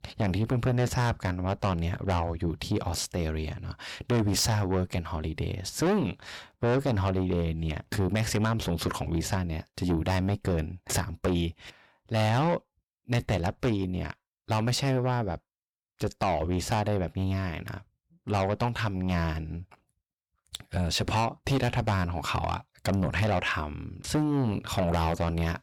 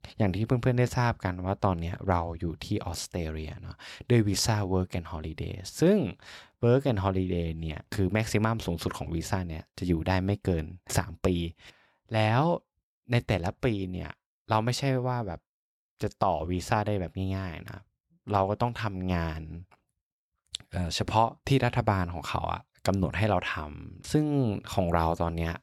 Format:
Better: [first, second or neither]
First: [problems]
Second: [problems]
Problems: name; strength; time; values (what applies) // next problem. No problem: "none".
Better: second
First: distortion; heavy; 7 dB below the speech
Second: none